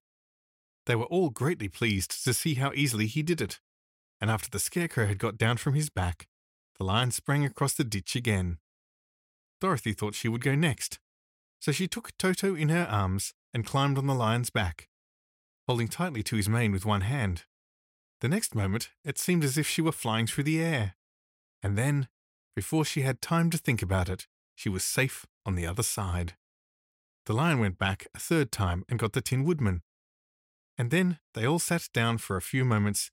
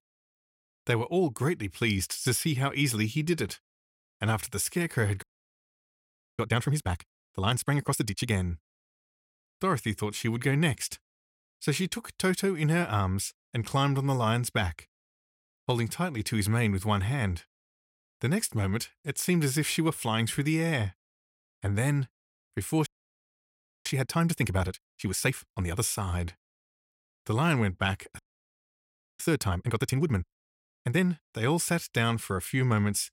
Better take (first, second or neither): first